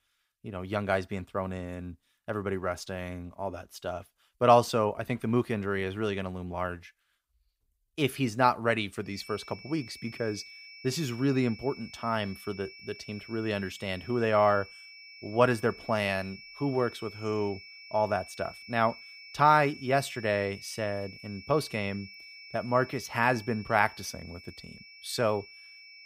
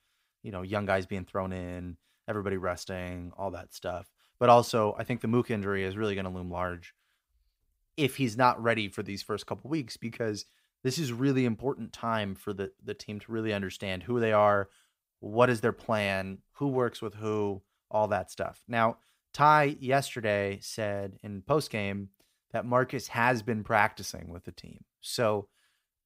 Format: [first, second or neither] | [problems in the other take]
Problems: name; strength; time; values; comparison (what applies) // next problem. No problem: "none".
second | high-pitched whine; noticeable; from 9 s on; 2.5 kHz, 15 dB below the speech